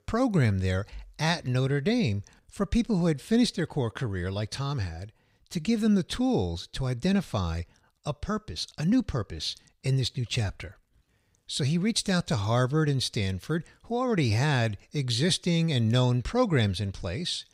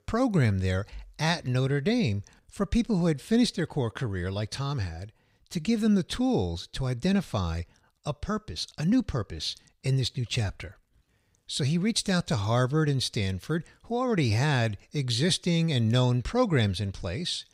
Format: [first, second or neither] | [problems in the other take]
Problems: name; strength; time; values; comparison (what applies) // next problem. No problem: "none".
neither | none